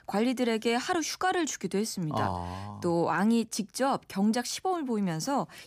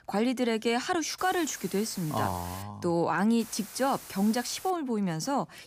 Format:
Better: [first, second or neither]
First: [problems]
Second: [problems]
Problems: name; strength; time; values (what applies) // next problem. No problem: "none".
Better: first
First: none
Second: hiss; noticeable; from 1 to 2.5 s and from 3.5 to 4.5 s; 15 dB below the speech